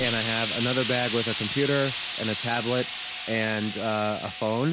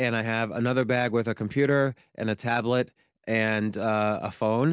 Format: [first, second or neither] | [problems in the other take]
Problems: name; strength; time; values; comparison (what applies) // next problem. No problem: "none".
second | background sound (Explosion); 5 dB below the speech